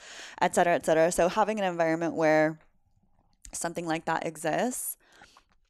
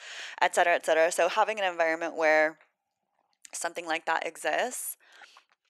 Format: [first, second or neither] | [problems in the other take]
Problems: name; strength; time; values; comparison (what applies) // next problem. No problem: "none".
first | thin; very; fading below 500 Hz